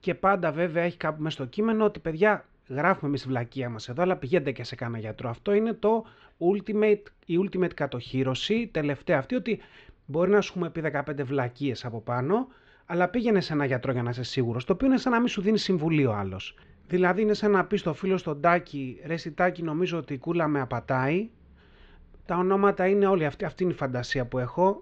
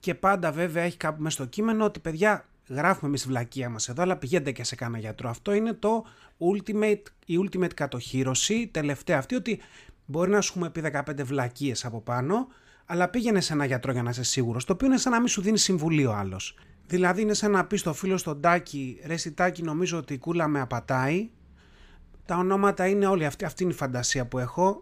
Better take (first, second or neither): second